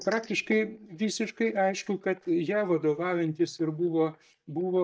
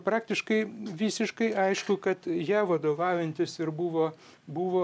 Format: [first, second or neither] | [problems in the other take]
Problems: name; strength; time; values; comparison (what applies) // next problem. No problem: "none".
second | noise reduction (neural mask model DeepFilterNet 3)